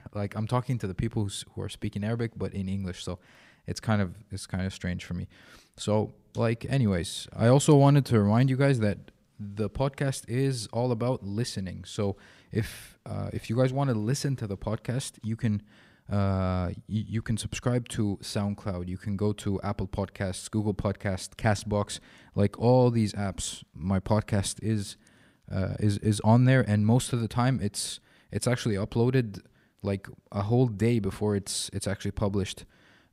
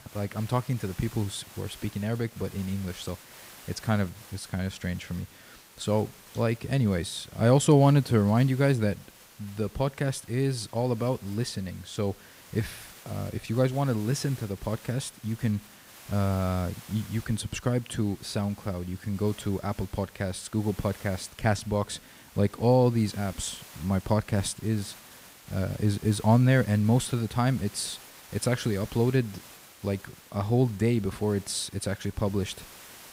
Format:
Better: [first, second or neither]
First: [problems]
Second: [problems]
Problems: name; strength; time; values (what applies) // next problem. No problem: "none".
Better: first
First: none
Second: hiss; noticeable; throughout; 20 dB below the speech